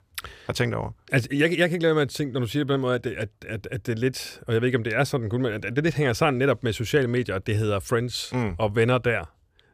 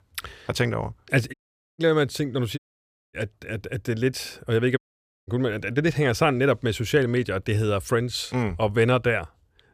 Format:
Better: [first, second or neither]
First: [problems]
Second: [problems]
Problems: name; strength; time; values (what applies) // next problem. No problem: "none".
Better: first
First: none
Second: audio cutting out; at 1.5 s, at 2.5 s for 0.5 s and at 5 s